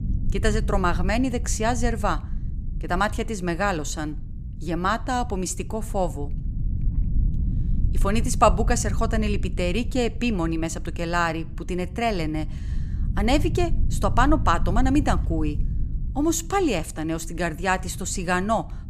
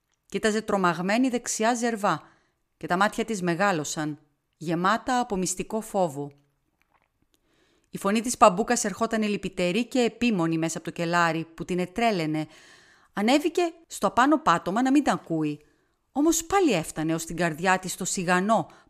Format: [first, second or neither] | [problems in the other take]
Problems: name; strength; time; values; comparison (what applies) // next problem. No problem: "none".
second | low rumble; noticeable; throughout; 20 dB below the speech